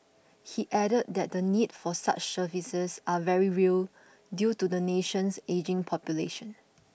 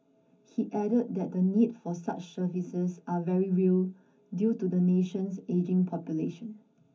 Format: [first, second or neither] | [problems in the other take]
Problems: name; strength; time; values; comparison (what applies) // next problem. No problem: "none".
first | room echo; dies away in 0.3 s